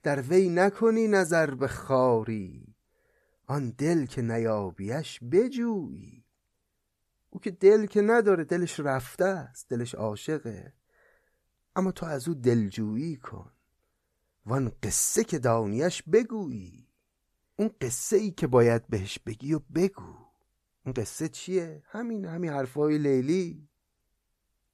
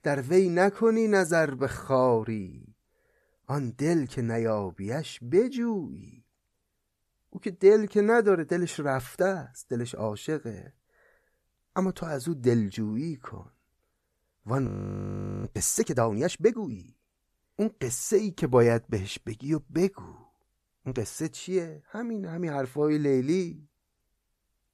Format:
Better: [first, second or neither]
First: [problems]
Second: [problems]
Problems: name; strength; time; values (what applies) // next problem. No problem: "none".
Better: first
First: none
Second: audio freezing; at 15 s for 1 s